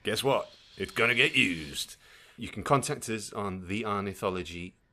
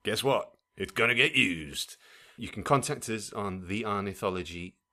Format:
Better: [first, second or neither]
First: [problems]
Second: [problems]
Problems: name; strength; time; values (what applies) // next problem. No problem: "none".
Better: second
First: wind noise on the microphone; occasional gusts; 20 dB below the speech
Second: none